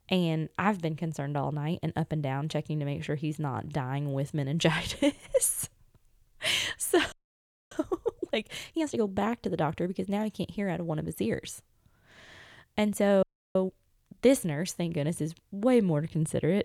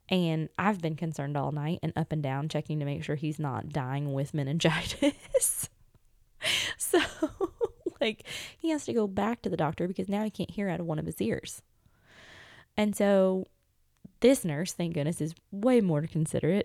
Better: second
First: audio freezing; at 7 s for 0.5 s and at 13 s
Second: none

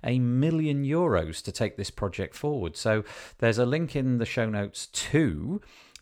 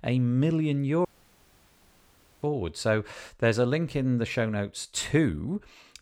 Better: first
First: none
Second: audio cutting out; at 1 s for 1.5 s

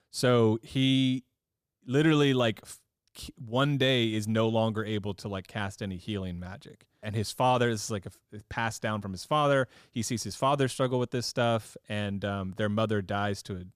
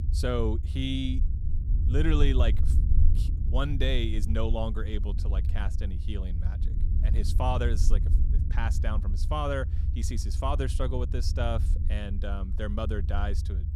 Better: first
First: none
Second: low rumble; noticeable; throughout; 10 dB below the speech

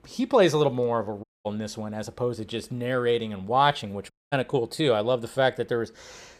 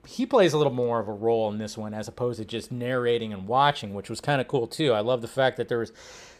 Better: second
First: audio cutting out; at 1 s and at 4 s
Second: none

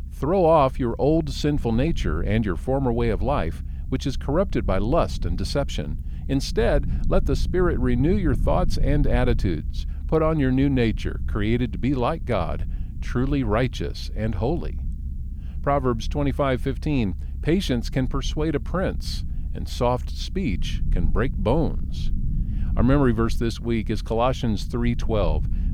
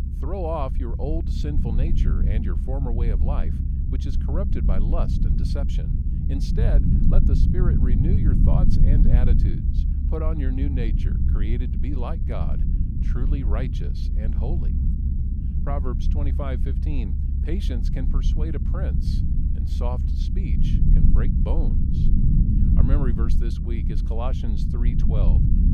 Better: first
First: low rumble; faint; throughout; 20 dB below the speech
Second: low rumble; loud; throughout; 2 dB below the speech

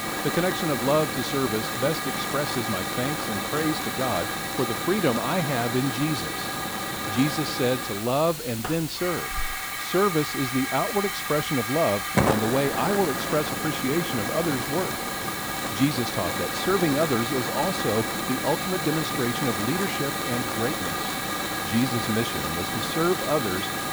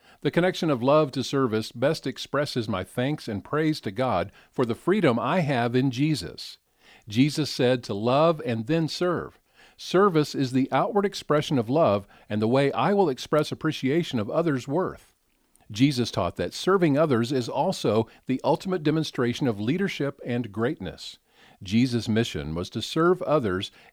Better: second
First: hiss; loud; throughout; as loud as the speech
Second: none

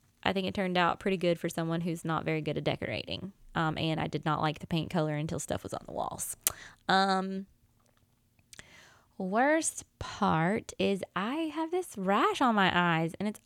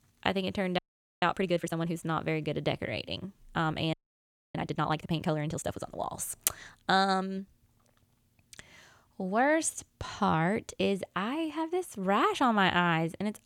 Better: first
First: none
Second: audio freezing; at 1 s and at 4 s for 0.5 s

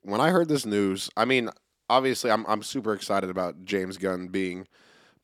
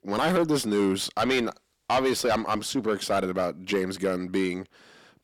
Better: first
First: none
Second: distortion; heavy; 7 dB below the speech

